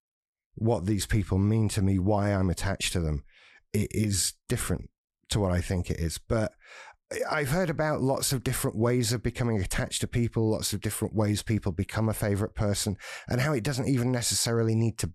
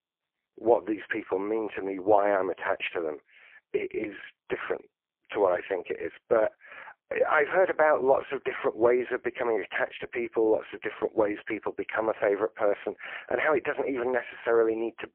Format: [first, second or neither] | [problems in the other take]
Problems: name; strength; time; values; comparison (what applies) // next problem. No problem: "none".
first | phone-call audio; poor line